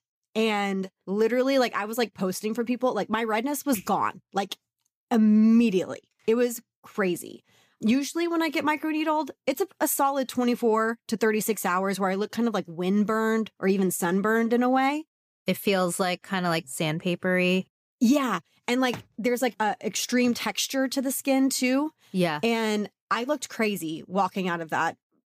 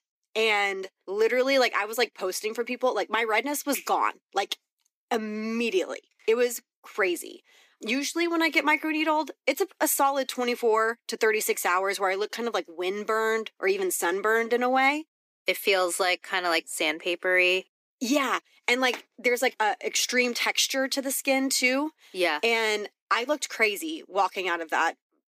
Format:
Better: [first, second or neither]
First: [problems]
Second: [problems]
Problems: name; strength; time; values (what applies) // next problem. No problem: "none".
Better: first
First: none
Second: thin; somewhat; fading below 300 Hz